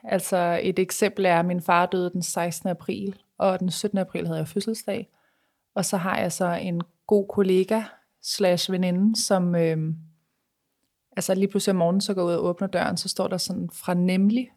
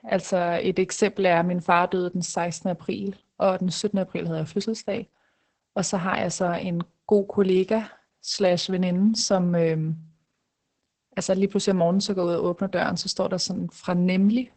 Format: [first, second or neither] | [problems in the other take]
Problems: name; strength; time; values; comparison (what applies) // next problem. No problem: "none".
first | garbled, watery; badly; nothing above 8 kHz